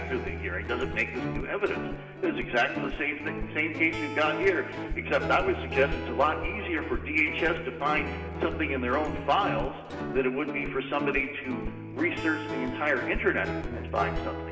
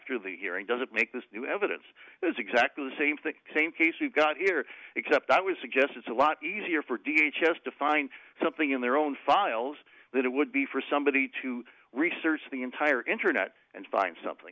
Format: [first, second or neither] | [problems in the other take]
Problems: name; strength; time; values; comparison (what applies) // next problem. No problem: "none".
second | background sound (Guitar); 5 dB below the speech // room echo; dies away in 2.8 s